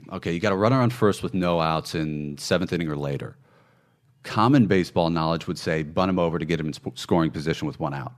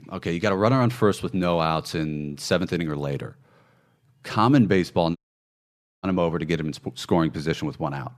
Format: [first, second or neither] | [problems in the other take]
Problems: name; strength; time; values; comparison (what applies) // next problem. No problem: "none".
first | audio cutting out; at 5 s for 1 s